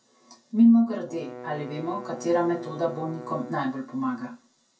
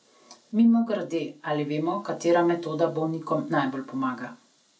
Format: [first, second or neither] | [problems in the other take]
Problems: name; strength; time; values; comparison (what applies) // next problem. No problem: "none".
second | background sound (Bowed string instrument); 15 dB below the speech // room echo; dies away in 0.2 s